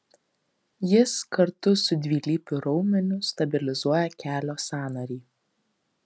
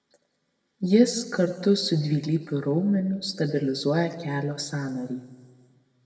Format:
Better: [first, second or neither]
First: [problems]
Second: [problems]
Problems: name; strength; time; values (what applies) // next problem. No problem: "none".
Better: first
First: none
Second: room echo; dies away in 1.2 s